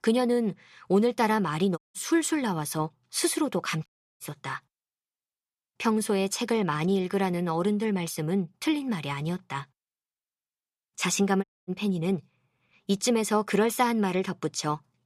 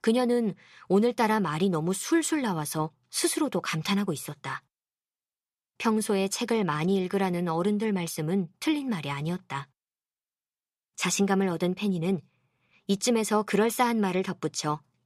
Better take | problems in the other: second | audio cutting out; at 2 s, at 4 s and at 11 s

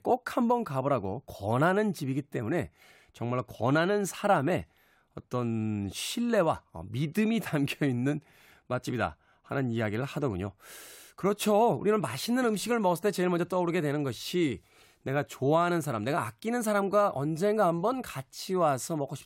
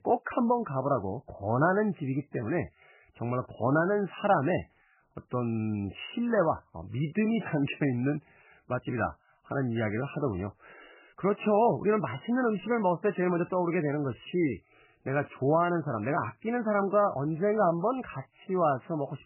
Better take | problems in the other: first | garbled, watery; badly; nothing above 3 kHz

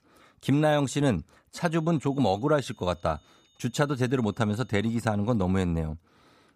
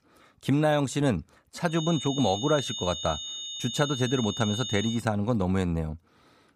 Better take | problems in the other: first | high-pitched whine; loud; from 1.5 to 5 s; 3.5 kHz, 6 dB below the speech; faint in the first

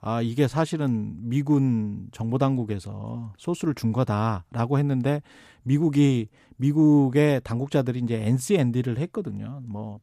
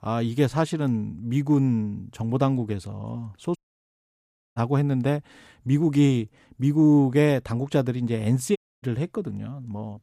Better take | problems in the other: first | audio cutting out; at 3.5 s for 1 s and at 8.5 s

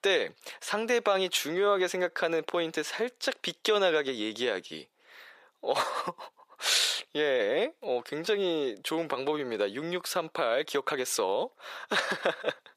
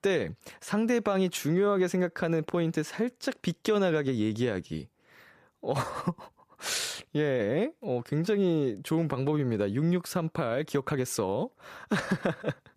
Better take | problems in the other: second | thin; very; fading below 550 Hz

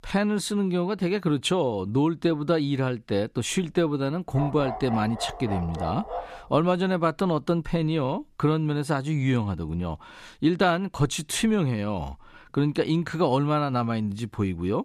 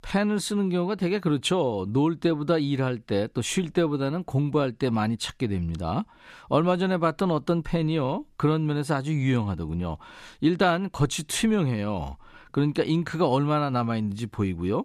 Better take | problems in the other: second | dog barking; noticeable; from 4.5 to 6.5 s; peak 8 dB below the speech

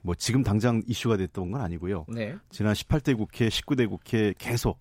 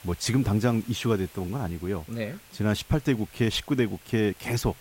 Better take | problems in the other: first | hiss; faint; throughout; 20 dB below the speech

